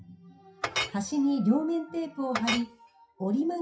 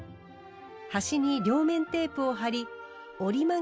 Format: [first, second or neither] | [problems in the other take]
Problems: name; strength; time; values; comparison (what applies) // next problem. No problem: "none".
second | noise reduction (classical method WPE with log-MMSE)